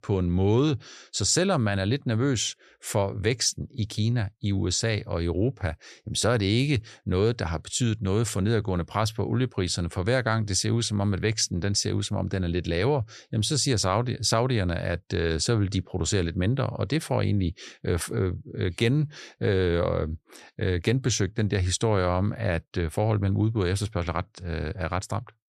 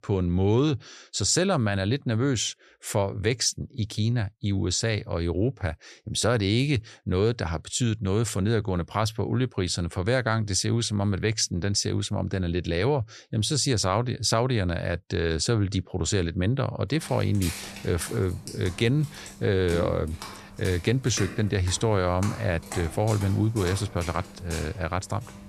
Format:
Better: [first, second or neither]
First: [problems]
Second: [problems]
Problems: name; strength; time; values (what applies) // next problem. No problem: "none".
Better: first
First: none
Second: footsteps; noticeable; from 17 s on; peak 8 dB below the speech